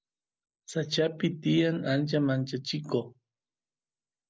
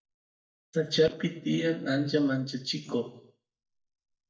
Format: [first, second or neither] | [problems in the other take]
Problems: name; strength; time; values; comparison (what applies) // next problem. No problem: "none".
first | noise reduction (neural mask model DeepFilterNet 3)